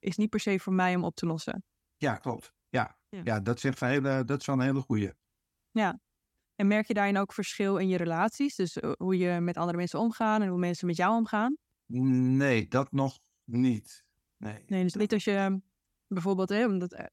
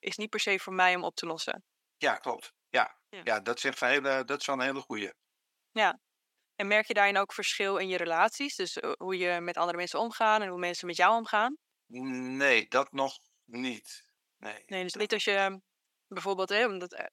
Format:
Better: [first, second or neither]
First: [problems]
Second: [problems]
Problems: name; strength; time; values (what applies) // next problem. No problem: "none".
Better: first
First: none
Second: thin; very; fading below 550 Hz